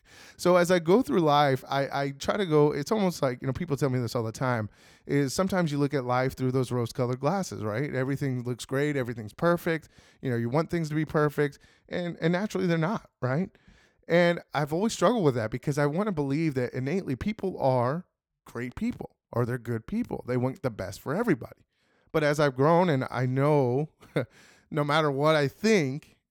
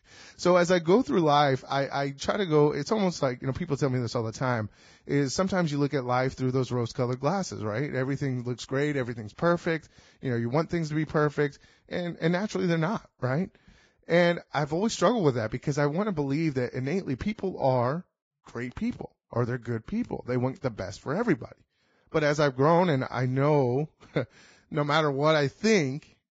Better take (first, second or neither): first